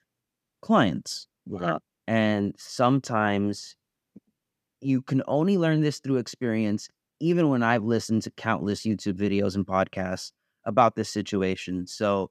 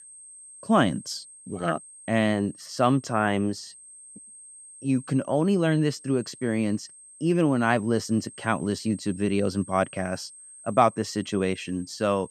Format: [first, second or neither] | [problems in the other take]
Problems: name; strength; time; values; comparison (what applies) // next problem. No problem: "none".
first | high-pitched whine; noticeable; throughout; 8.5 kHz, 20 dB below the speech